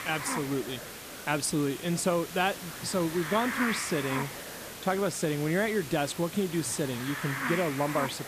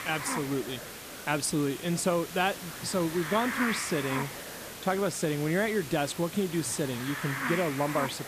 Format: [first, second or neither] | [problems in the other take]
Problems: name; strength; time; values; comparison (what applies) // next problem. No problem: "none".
neither | hiss; loud; throughout; 6 dB below the speech; the same in both